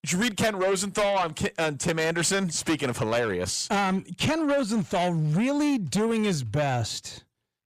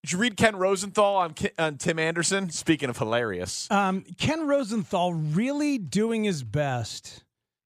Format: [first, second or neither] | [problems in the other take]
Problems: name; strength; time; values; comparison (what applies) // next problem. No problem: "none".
second | distortion; heavy; 8 dB below the speech